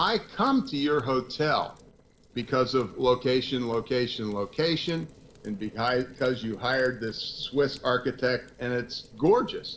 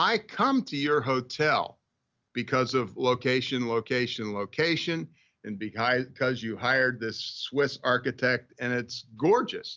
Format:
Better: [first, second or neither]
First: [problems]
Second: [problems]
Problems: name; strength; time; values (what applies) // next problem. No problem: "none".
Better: second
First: noise reduction (neural separator model SepFormer DNS4)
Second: none